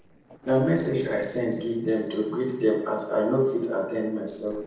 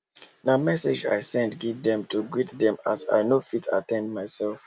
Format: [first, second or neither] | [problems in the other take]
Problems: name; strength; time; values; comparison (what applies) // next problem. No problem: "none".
second | noise reduction (neural separator model SepFormer DNS4)